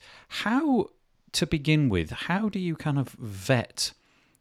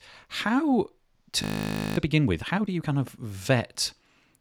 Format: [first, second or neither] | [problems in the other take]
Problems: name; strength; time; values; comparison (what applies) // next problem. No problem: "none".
first | audio freezing; at 1.5 s for 0.5 s